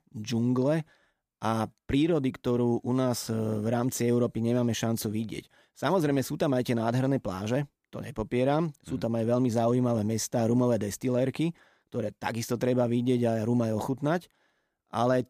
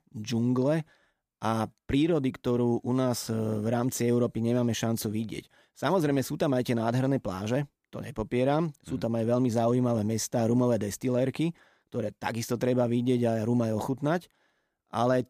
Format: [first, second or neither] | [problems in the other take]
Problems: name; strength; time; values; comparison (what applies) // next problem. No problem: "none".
neither | none